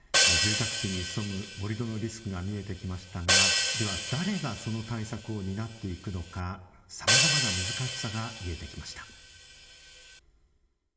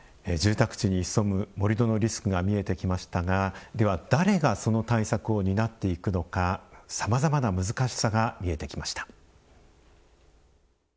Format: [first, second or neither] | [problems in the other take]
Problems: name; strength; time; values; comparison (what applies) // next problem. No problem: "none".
second | background sound (Hi-hat); 5 dB above the speech // room echo; dies away in 1.6 s